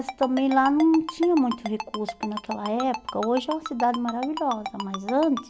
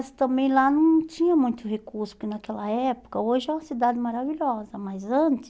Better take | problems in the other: second | background sound (Ringtone); 11 dB below the speech

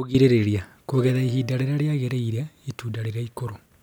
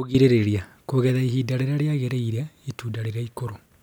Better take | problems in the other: second | background sound (Plucked string instrument); 19 dB below the speech

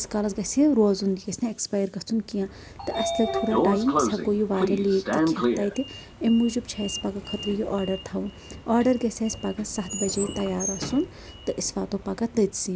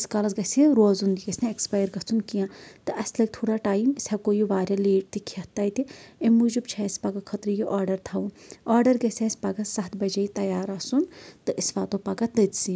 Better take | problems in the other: second | background sound (Sliding door); 5 dB below the speech

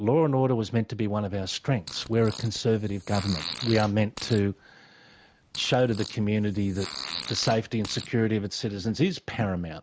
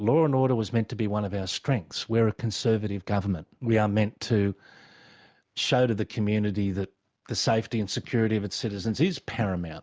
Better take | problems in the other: second | background sound (Fart); 13 dB below the speech

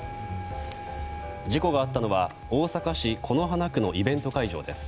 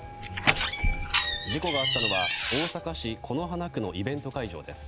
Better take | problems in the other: first | background sound (Door); 5 dB above the speech

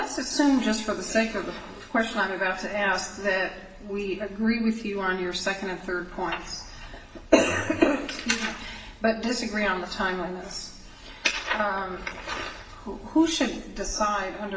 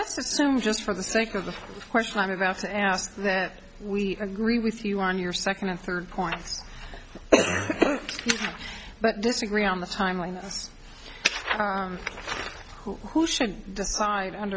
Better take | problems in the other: second | room echo; dies away in 1 s

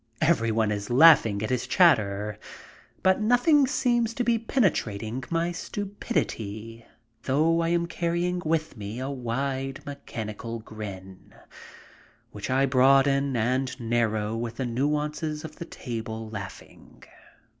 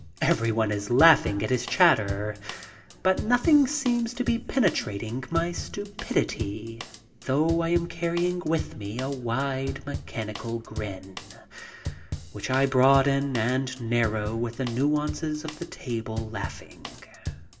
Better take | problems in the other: first | background sound (Drum kit); 12 dB below the speech // room echo; dies away in 1.4 s

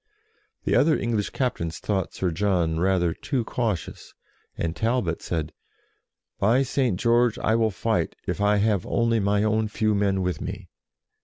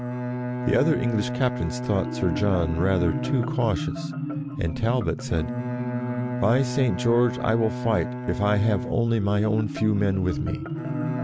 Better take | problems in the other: first | background sound (Bowed string instrument + Marimba, xylophone); 4 dB below the speech

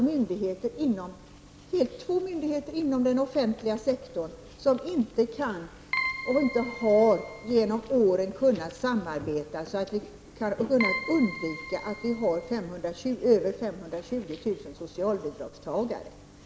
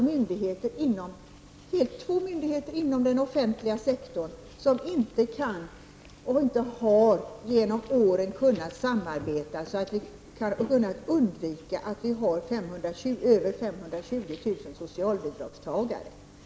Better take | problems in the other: second | background sound (Keyboard (musical)); 8 dB below the speech

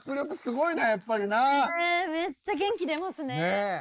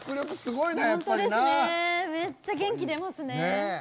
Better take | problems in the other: second | noise reduction (neural mask model Resemble Enhance denoiser)

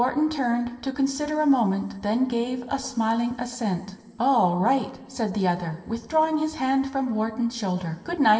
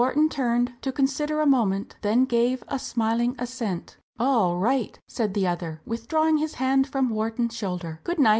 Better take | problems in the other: second | room echo; dies away in 2.6 s

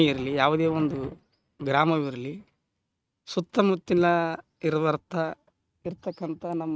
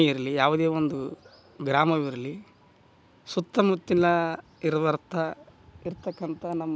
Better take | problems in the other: second | noise reduction (neural mask model RNNoise)

